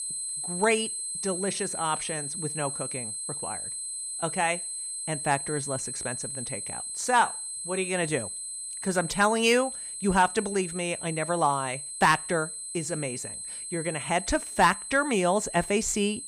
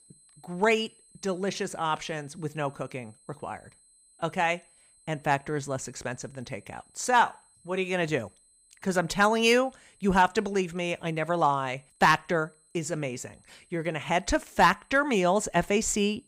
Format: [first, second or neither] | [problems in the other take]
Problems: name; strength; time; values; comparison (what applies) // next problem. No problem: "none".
second | high-pitched whine; loud; throughout; 8 kHz, 5 dB below the speech; faint in the second